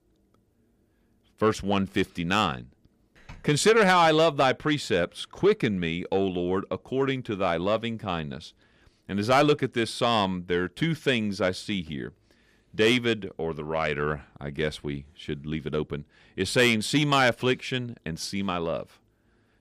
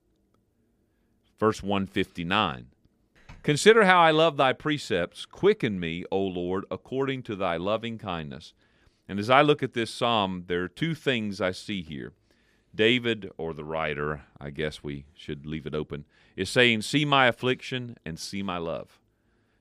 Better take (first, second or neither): second